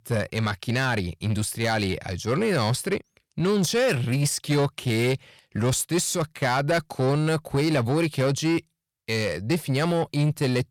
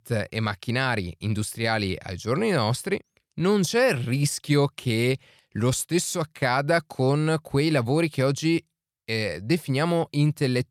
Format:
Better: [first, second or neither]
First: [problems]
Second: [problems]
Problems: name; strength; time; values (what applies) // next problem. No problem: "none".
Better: second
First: distortion; slight; 10 dB below the speech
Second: none